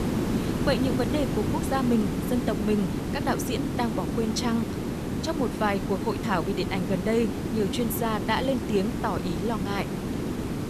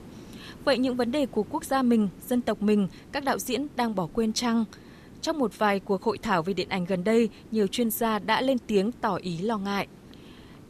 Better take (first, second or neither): second